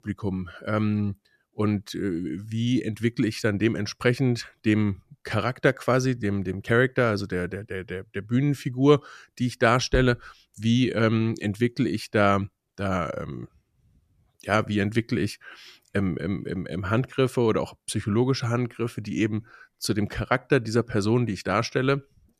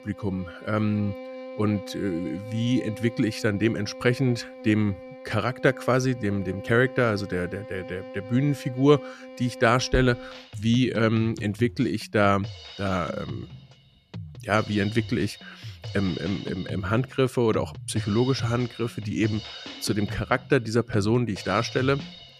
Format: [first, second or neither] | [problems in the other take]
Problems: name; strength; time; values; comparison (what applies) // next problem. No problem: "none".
first | background music; noticeable; throughout; 15 dB below the speech